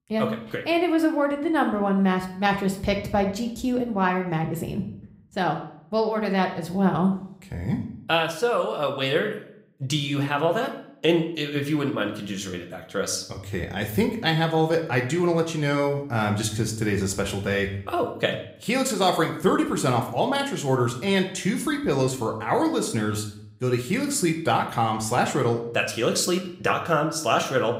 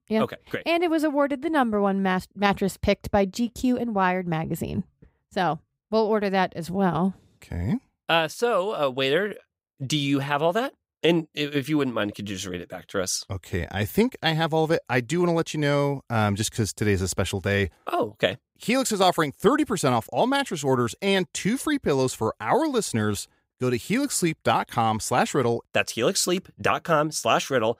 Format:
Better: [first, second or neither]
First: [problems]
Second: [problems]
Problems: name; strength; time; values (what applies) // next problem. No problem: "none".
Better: second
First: room echo; very slight; dies away in 0.5 s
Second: none